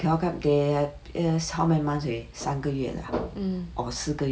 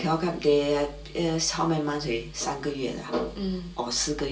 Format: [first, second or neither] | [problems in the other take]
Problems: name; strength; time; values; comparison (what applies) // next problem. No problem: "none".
first | room echo; dies away in 0.2 s